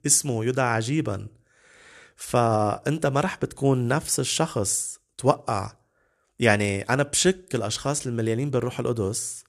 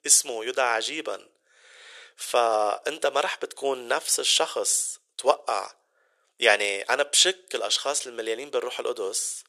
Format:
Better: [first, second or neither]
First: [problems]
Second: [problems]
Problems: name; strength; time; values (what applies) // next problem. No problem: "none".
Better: first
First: none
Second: thin; very; fading below 450 Hz